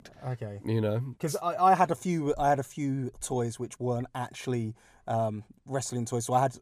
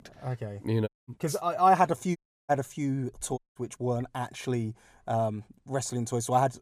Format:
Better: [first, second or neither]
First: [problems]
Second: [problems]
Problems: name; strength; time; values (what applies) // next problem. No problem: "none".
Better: first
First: none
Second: audio cutting out; at 1 s, at 2 s and at 3.5 s